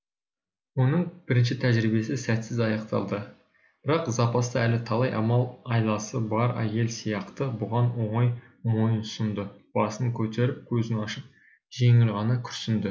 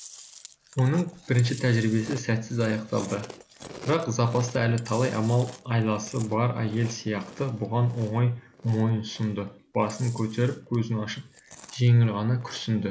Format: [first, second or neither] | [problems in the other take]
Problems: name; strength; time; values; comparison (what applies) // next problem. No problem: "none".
first | background sound (Chewing, mastication); 20 dB below the speech